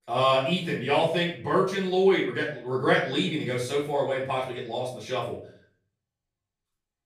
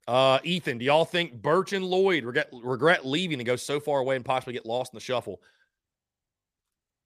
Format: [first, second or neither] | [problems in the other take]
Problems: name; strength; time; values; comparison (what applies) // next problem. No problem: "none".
second | off-mic speech; far // room echo; noticeable; dies away in 0.4 s